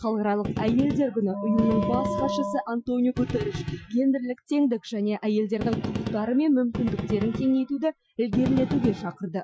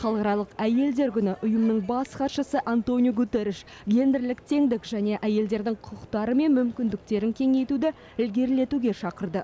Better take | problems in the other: second | noise reduction (classical method Wiener filter)

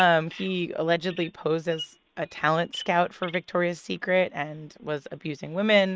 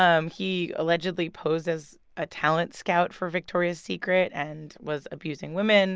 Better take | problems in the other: second | noise reduction (neural mask model RNNoise)

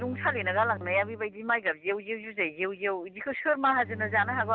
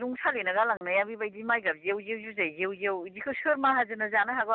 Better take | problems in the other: second | background sound (Bowed string instrument); 15 dB below the speech

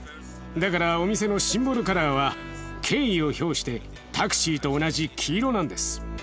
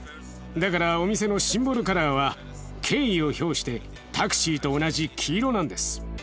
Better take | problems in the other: second | background sound (Bowed string instrument); 19 dB below the speech

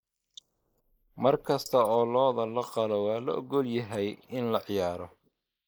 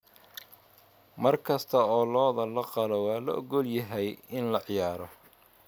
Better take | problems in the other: second | noise reduction (neural mask model Resemble Enhance denoiser)

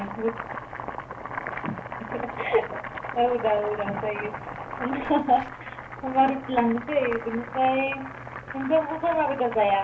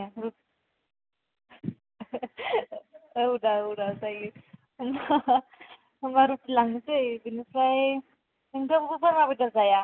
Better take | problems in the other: second | background sound (Boiling); 9 dB below the speech // room echo; dies away in 0.3 s

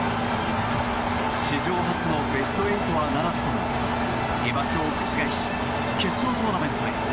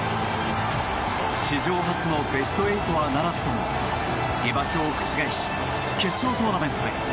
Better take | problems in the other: second | background sound (Engine); 3 dB below the speech

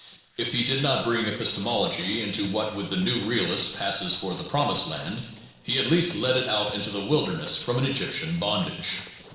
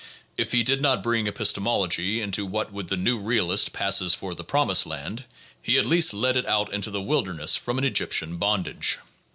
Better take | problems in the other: second | noise reduction (neural separator model SepFormer DNS4)

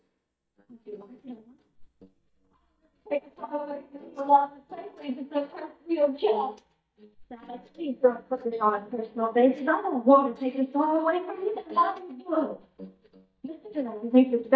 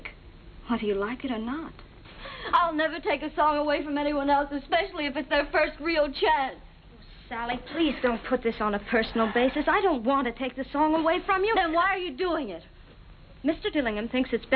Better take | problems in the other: second | noise reduction (neural mask model DeepFilterNet 3)

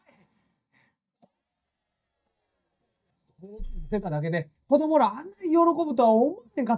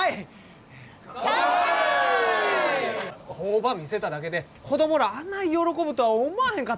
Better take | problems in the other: second | noise reduction (neural mask model DeepFilterNet 3)

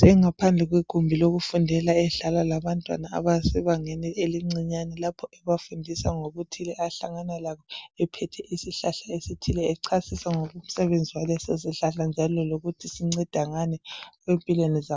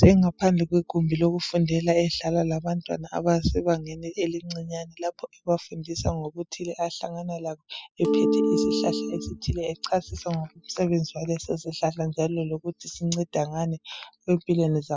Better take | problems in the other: first | noise reduction (classical method spectral subtraction)

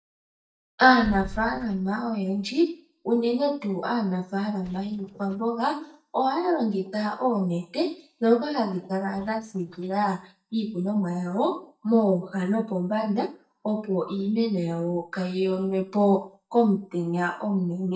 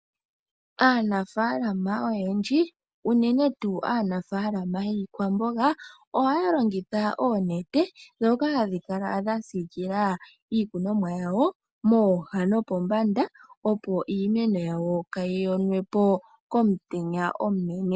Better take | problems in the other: second | noise reduction (neural mask model DeepFilterNet 3)

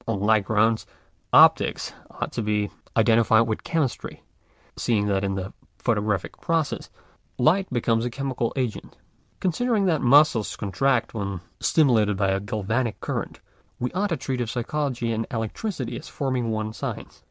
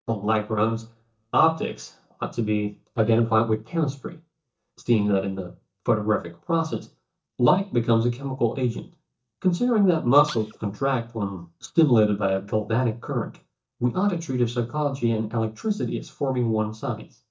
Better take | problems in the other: first | noise reduction (neural mask model DeepFilterNet 3)

